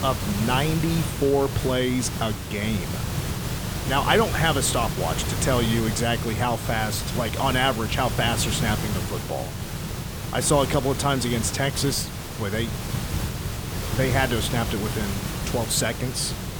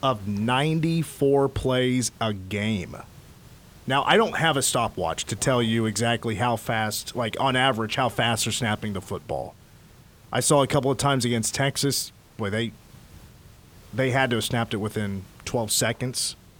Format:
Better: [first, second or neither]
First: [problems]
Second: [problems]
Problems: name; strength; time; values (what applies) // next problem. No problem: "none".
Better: second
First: hiss; loud; throughout; 4 dB below the speech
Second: hiss; faint; throughout; 25 dB below the speech